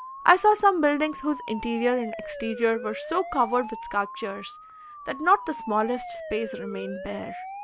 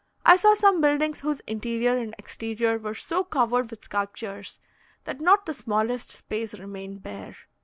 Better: second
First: background sound (Siren); 12 dB below the speech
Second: none

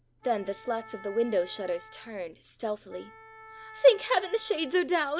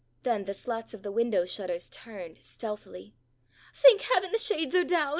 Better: second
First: background sound (Wind instrument, woodwind instrument); 20 dB below the speech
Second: none

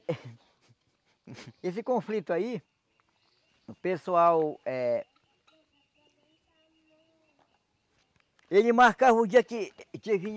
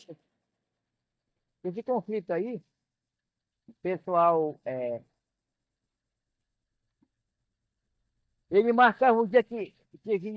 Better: first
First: none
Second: noise reduction (neural mask model DeepFilterNet 3)

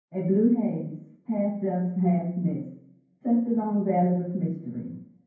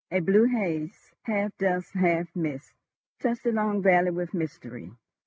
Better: second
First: room echo; dies away in 0.9 s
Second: none

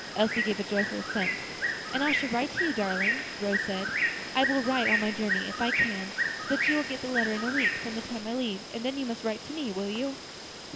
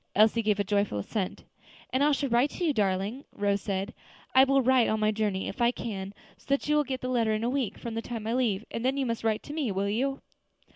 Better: second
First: background sound (Bird); as loud as the speech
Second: none

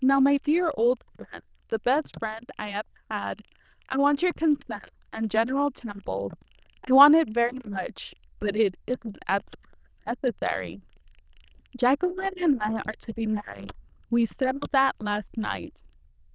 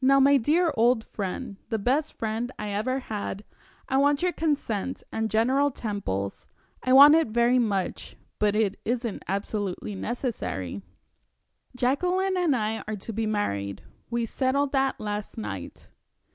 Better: second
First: noise reduction (neural diffusion model UNIVERSE++)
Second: none

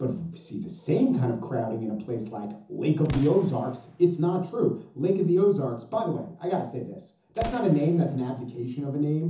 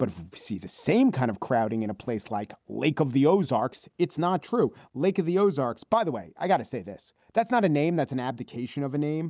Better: second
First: background sound (Explosion); 20 dB below the speech // room echo; dies away in 0.6 s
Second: none

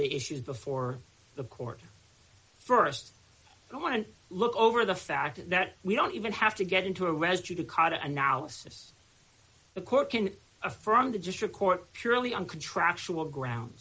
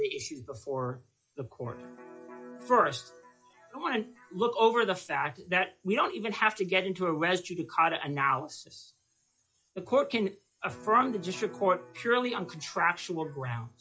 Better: first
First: none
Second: noise reduction (classical method log-MMSE)

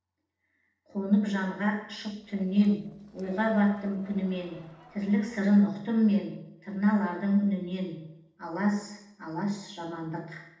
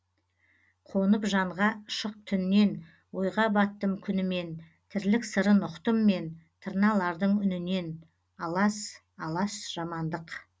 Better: second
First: noise reduction (neural separator model SepFormer DNS4)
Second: none

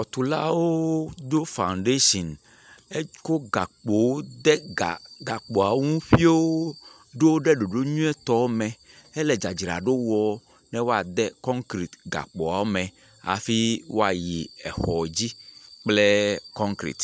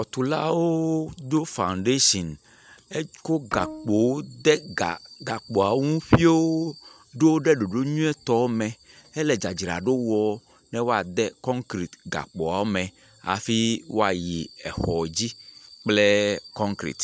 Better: first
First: none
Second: background sound (Bowed string instrument); 16 dB below the speech

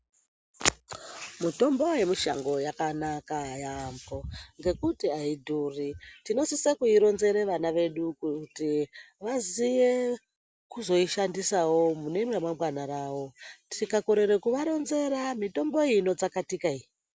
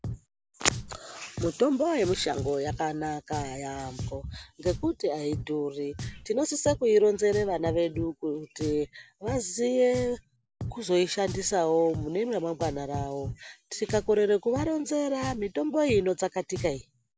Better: first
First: none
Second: background sound (Drum); 12 dB below the speech

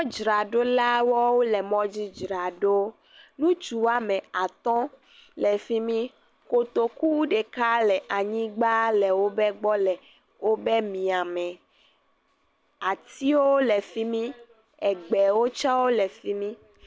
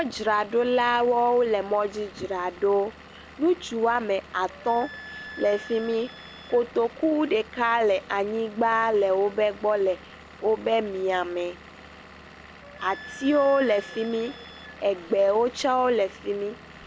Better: first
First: none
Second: background sound (Engine / Vehicle + Wind instrument, woodwind instrument); 19 dB below the speech

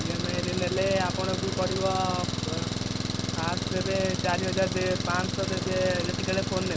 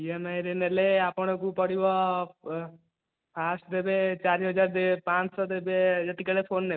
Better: second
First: background sound (Engine); as loud as the speech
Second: none

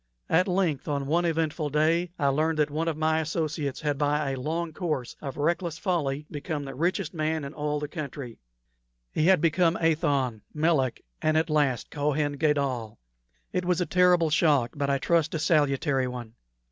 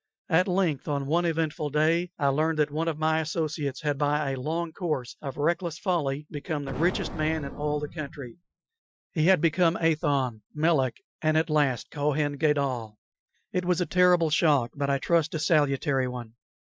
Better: first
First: none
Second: noise reduction (classical method Wiener filter)

